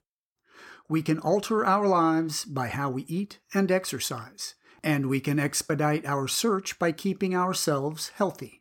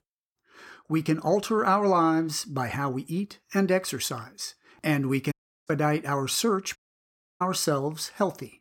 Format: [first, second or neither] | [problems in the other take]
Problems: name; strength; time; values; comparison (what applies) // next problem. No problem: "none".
first | audio cutting out; at 5.5 s and at 7 s for 0.5 s